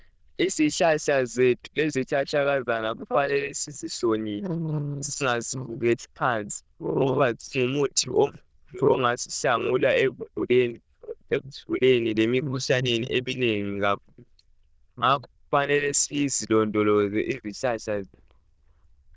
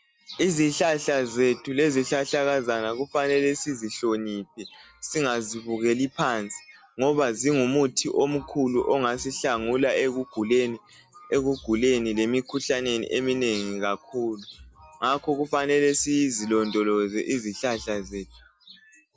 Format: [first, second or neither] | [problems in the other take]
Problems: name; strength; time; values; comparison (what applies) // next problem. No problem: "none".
second | noise reduction (neural diffusion model UNIVERSE++)